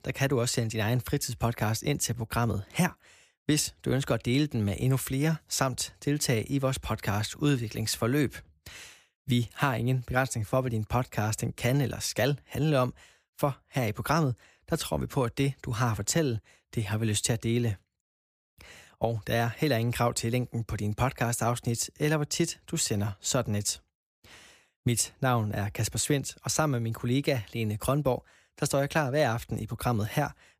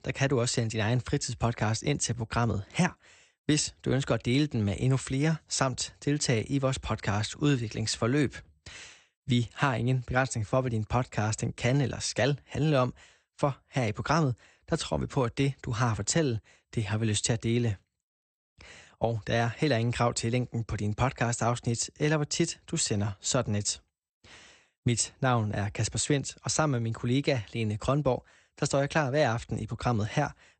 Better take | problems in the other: first | garbled, watery; slightly; nothing above 8.5 kHz

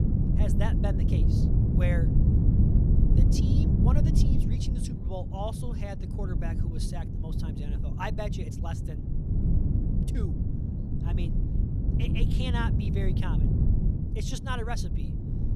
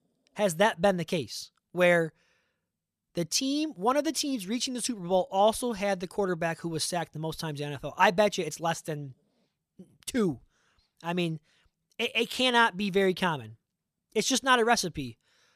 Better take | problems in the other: second | wind noise on the microphone; heavy; as loud as the speech

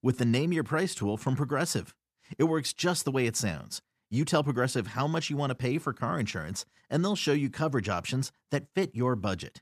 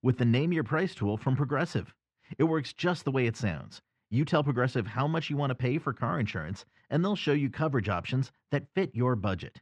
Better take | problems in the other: first | muffled; slightly; fading above 2.5 kHz

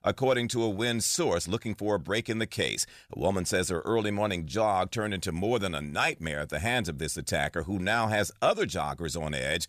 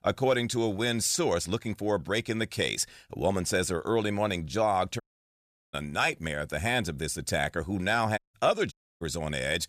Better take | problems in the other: first | audio cutting out; at 5 s for 0.5 s, at 8 s and at 8.5 s

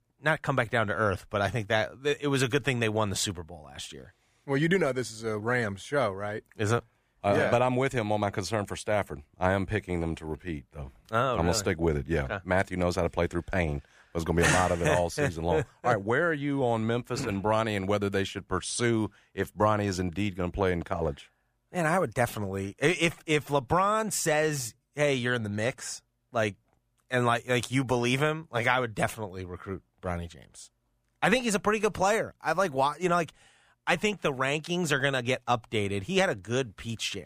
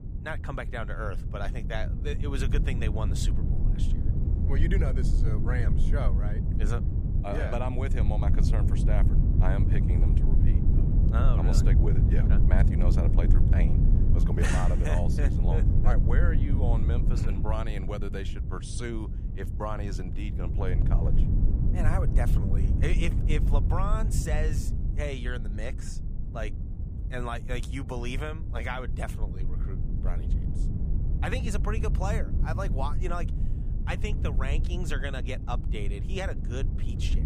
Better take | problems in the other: first | low rumble; loud; throughout; 5 dB below the speech

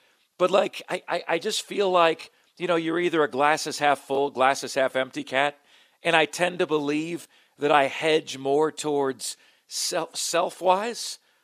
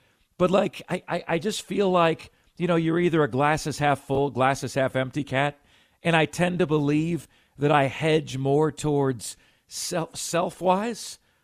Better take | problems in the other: second | thin; somewhat; fading below 350 Hz

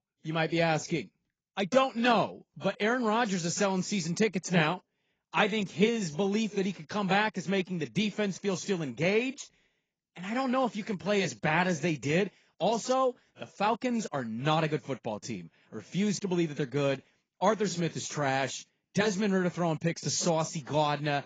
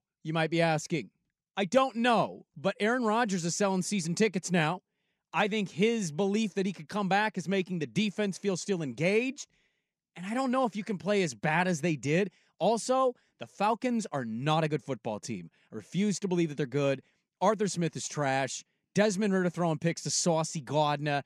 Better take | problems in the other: second | garbled, watery; badly; nothing above 7.5 kHz

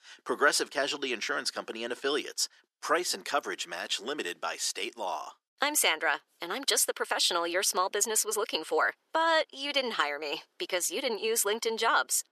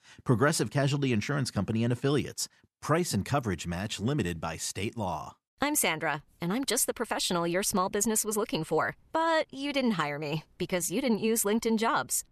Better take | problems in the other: second | thin; very; fading below 350 Hz

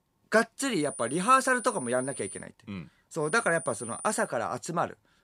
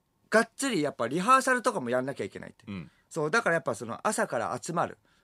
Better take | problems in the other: second | high-pitched whine; noticeable; from 1 to 2.5 s and from 3 to 4.5 s; 9.5 kHz, 10 dB below the speech

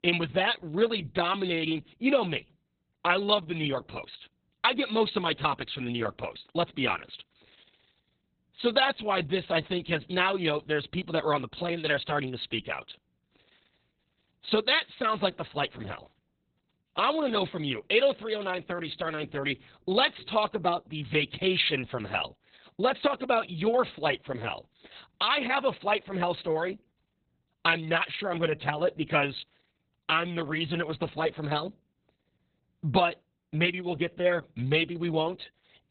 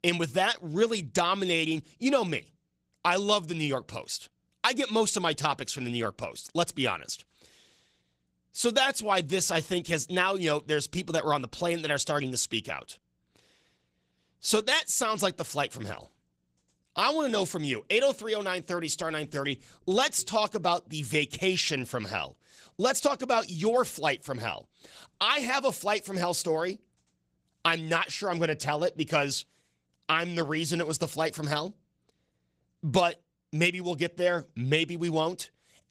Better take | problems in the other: second | garbled, watery; badly; nothing above 4 kHz; slightly in the second

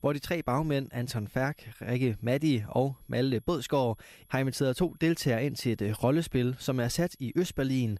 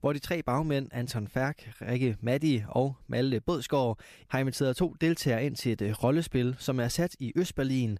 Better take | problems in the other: second | high-pitched whine; faint; throughout; 11.5 kHz, 30 dB below the speech

